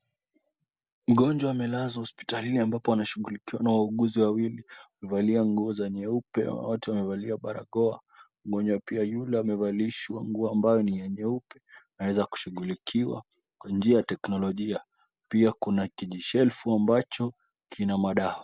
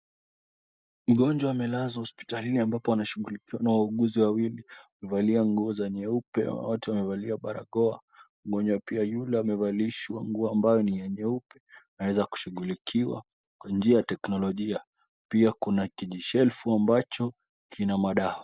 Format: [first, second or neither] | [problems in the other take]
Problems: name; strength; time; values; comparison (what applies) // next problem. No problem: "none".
first | noise reduction (neural mask model DeepFilterNet 3)